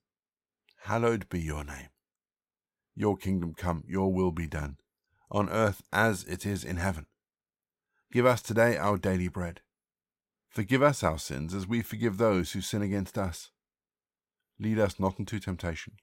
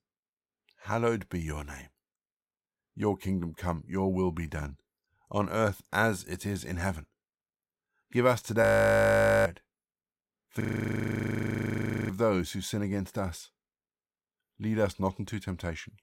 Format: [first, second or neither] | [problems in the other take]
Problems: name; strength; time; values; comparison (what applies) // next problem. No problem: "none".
first | audio freezing; at 8.5 s for 1 s and at 11 s for 1.5 s